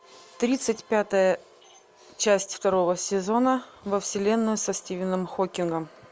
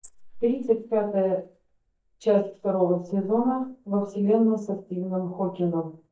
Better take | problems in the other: first | noise reduction (neural mask model DeepFilterNet 3)

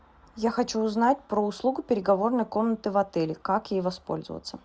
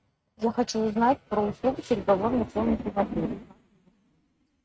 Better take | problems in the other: first | noise reduction (neural mask model RNNoise)

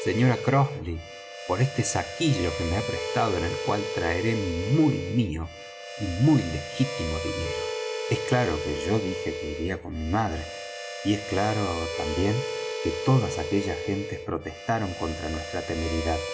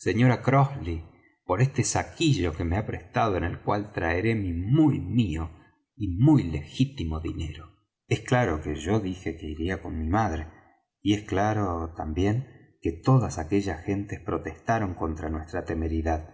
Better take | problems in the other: second | background sound (Harmonica); 6 dB below the speech

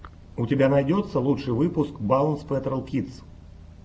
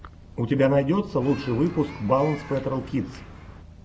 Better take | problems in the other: first | background sound (Human group actions); 17 dB below the speech

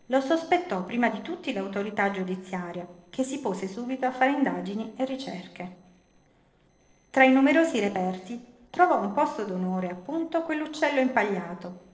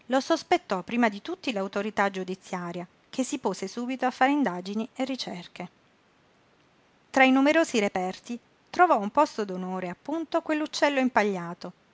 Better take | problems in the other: second | noise reduction (neural separator model SepFormer DNS4)

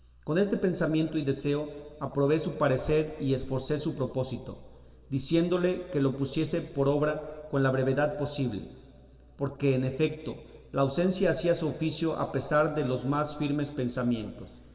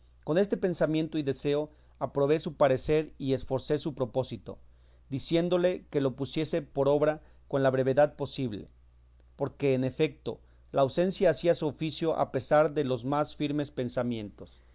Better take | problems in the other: second | room echo; dies away in 2.8 s

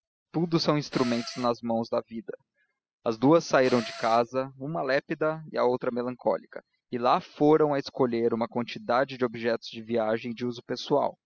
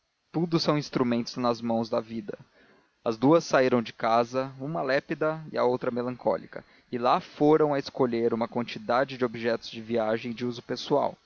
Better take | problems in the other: second | noise reduction (classical method spectral subtraction)

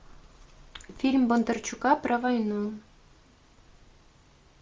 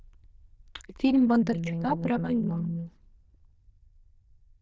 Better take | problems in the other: first | noise reduction (neural diffusion model UNIVERSE++)

